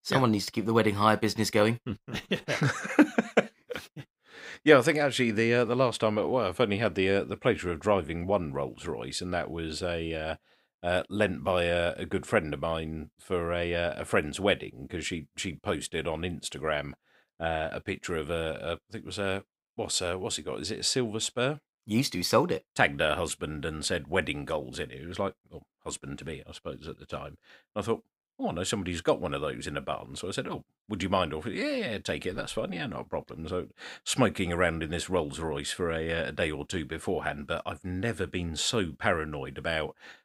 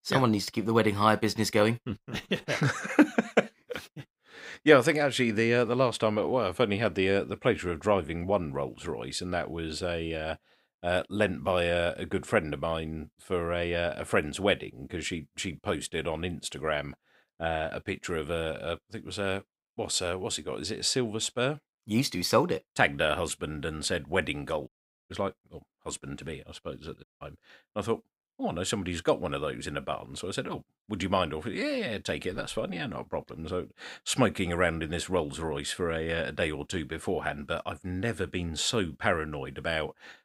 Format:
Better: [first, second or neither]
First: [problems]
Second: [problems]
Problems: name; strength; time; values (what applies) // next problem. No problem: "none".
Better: first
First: none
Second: audio cutting out; at 25 s and at 27 s